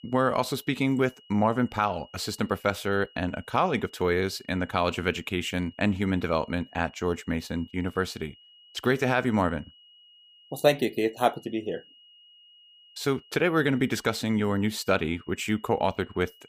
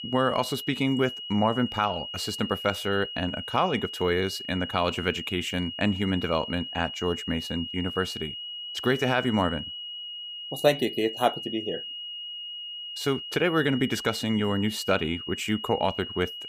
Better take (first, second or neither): first